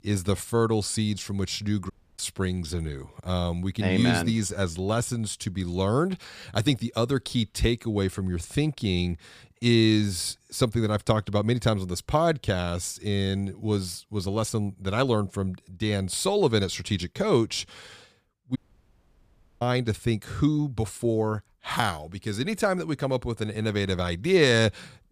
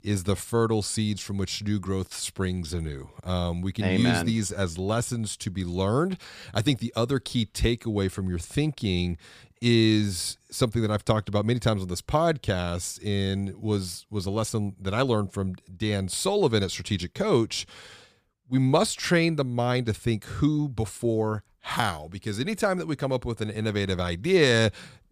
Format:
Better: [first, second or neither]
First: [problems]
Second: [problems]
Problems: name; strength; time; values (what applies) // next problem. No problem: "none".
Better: second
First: audio cutting out; at 2 s and at 19 s for 1 s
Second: none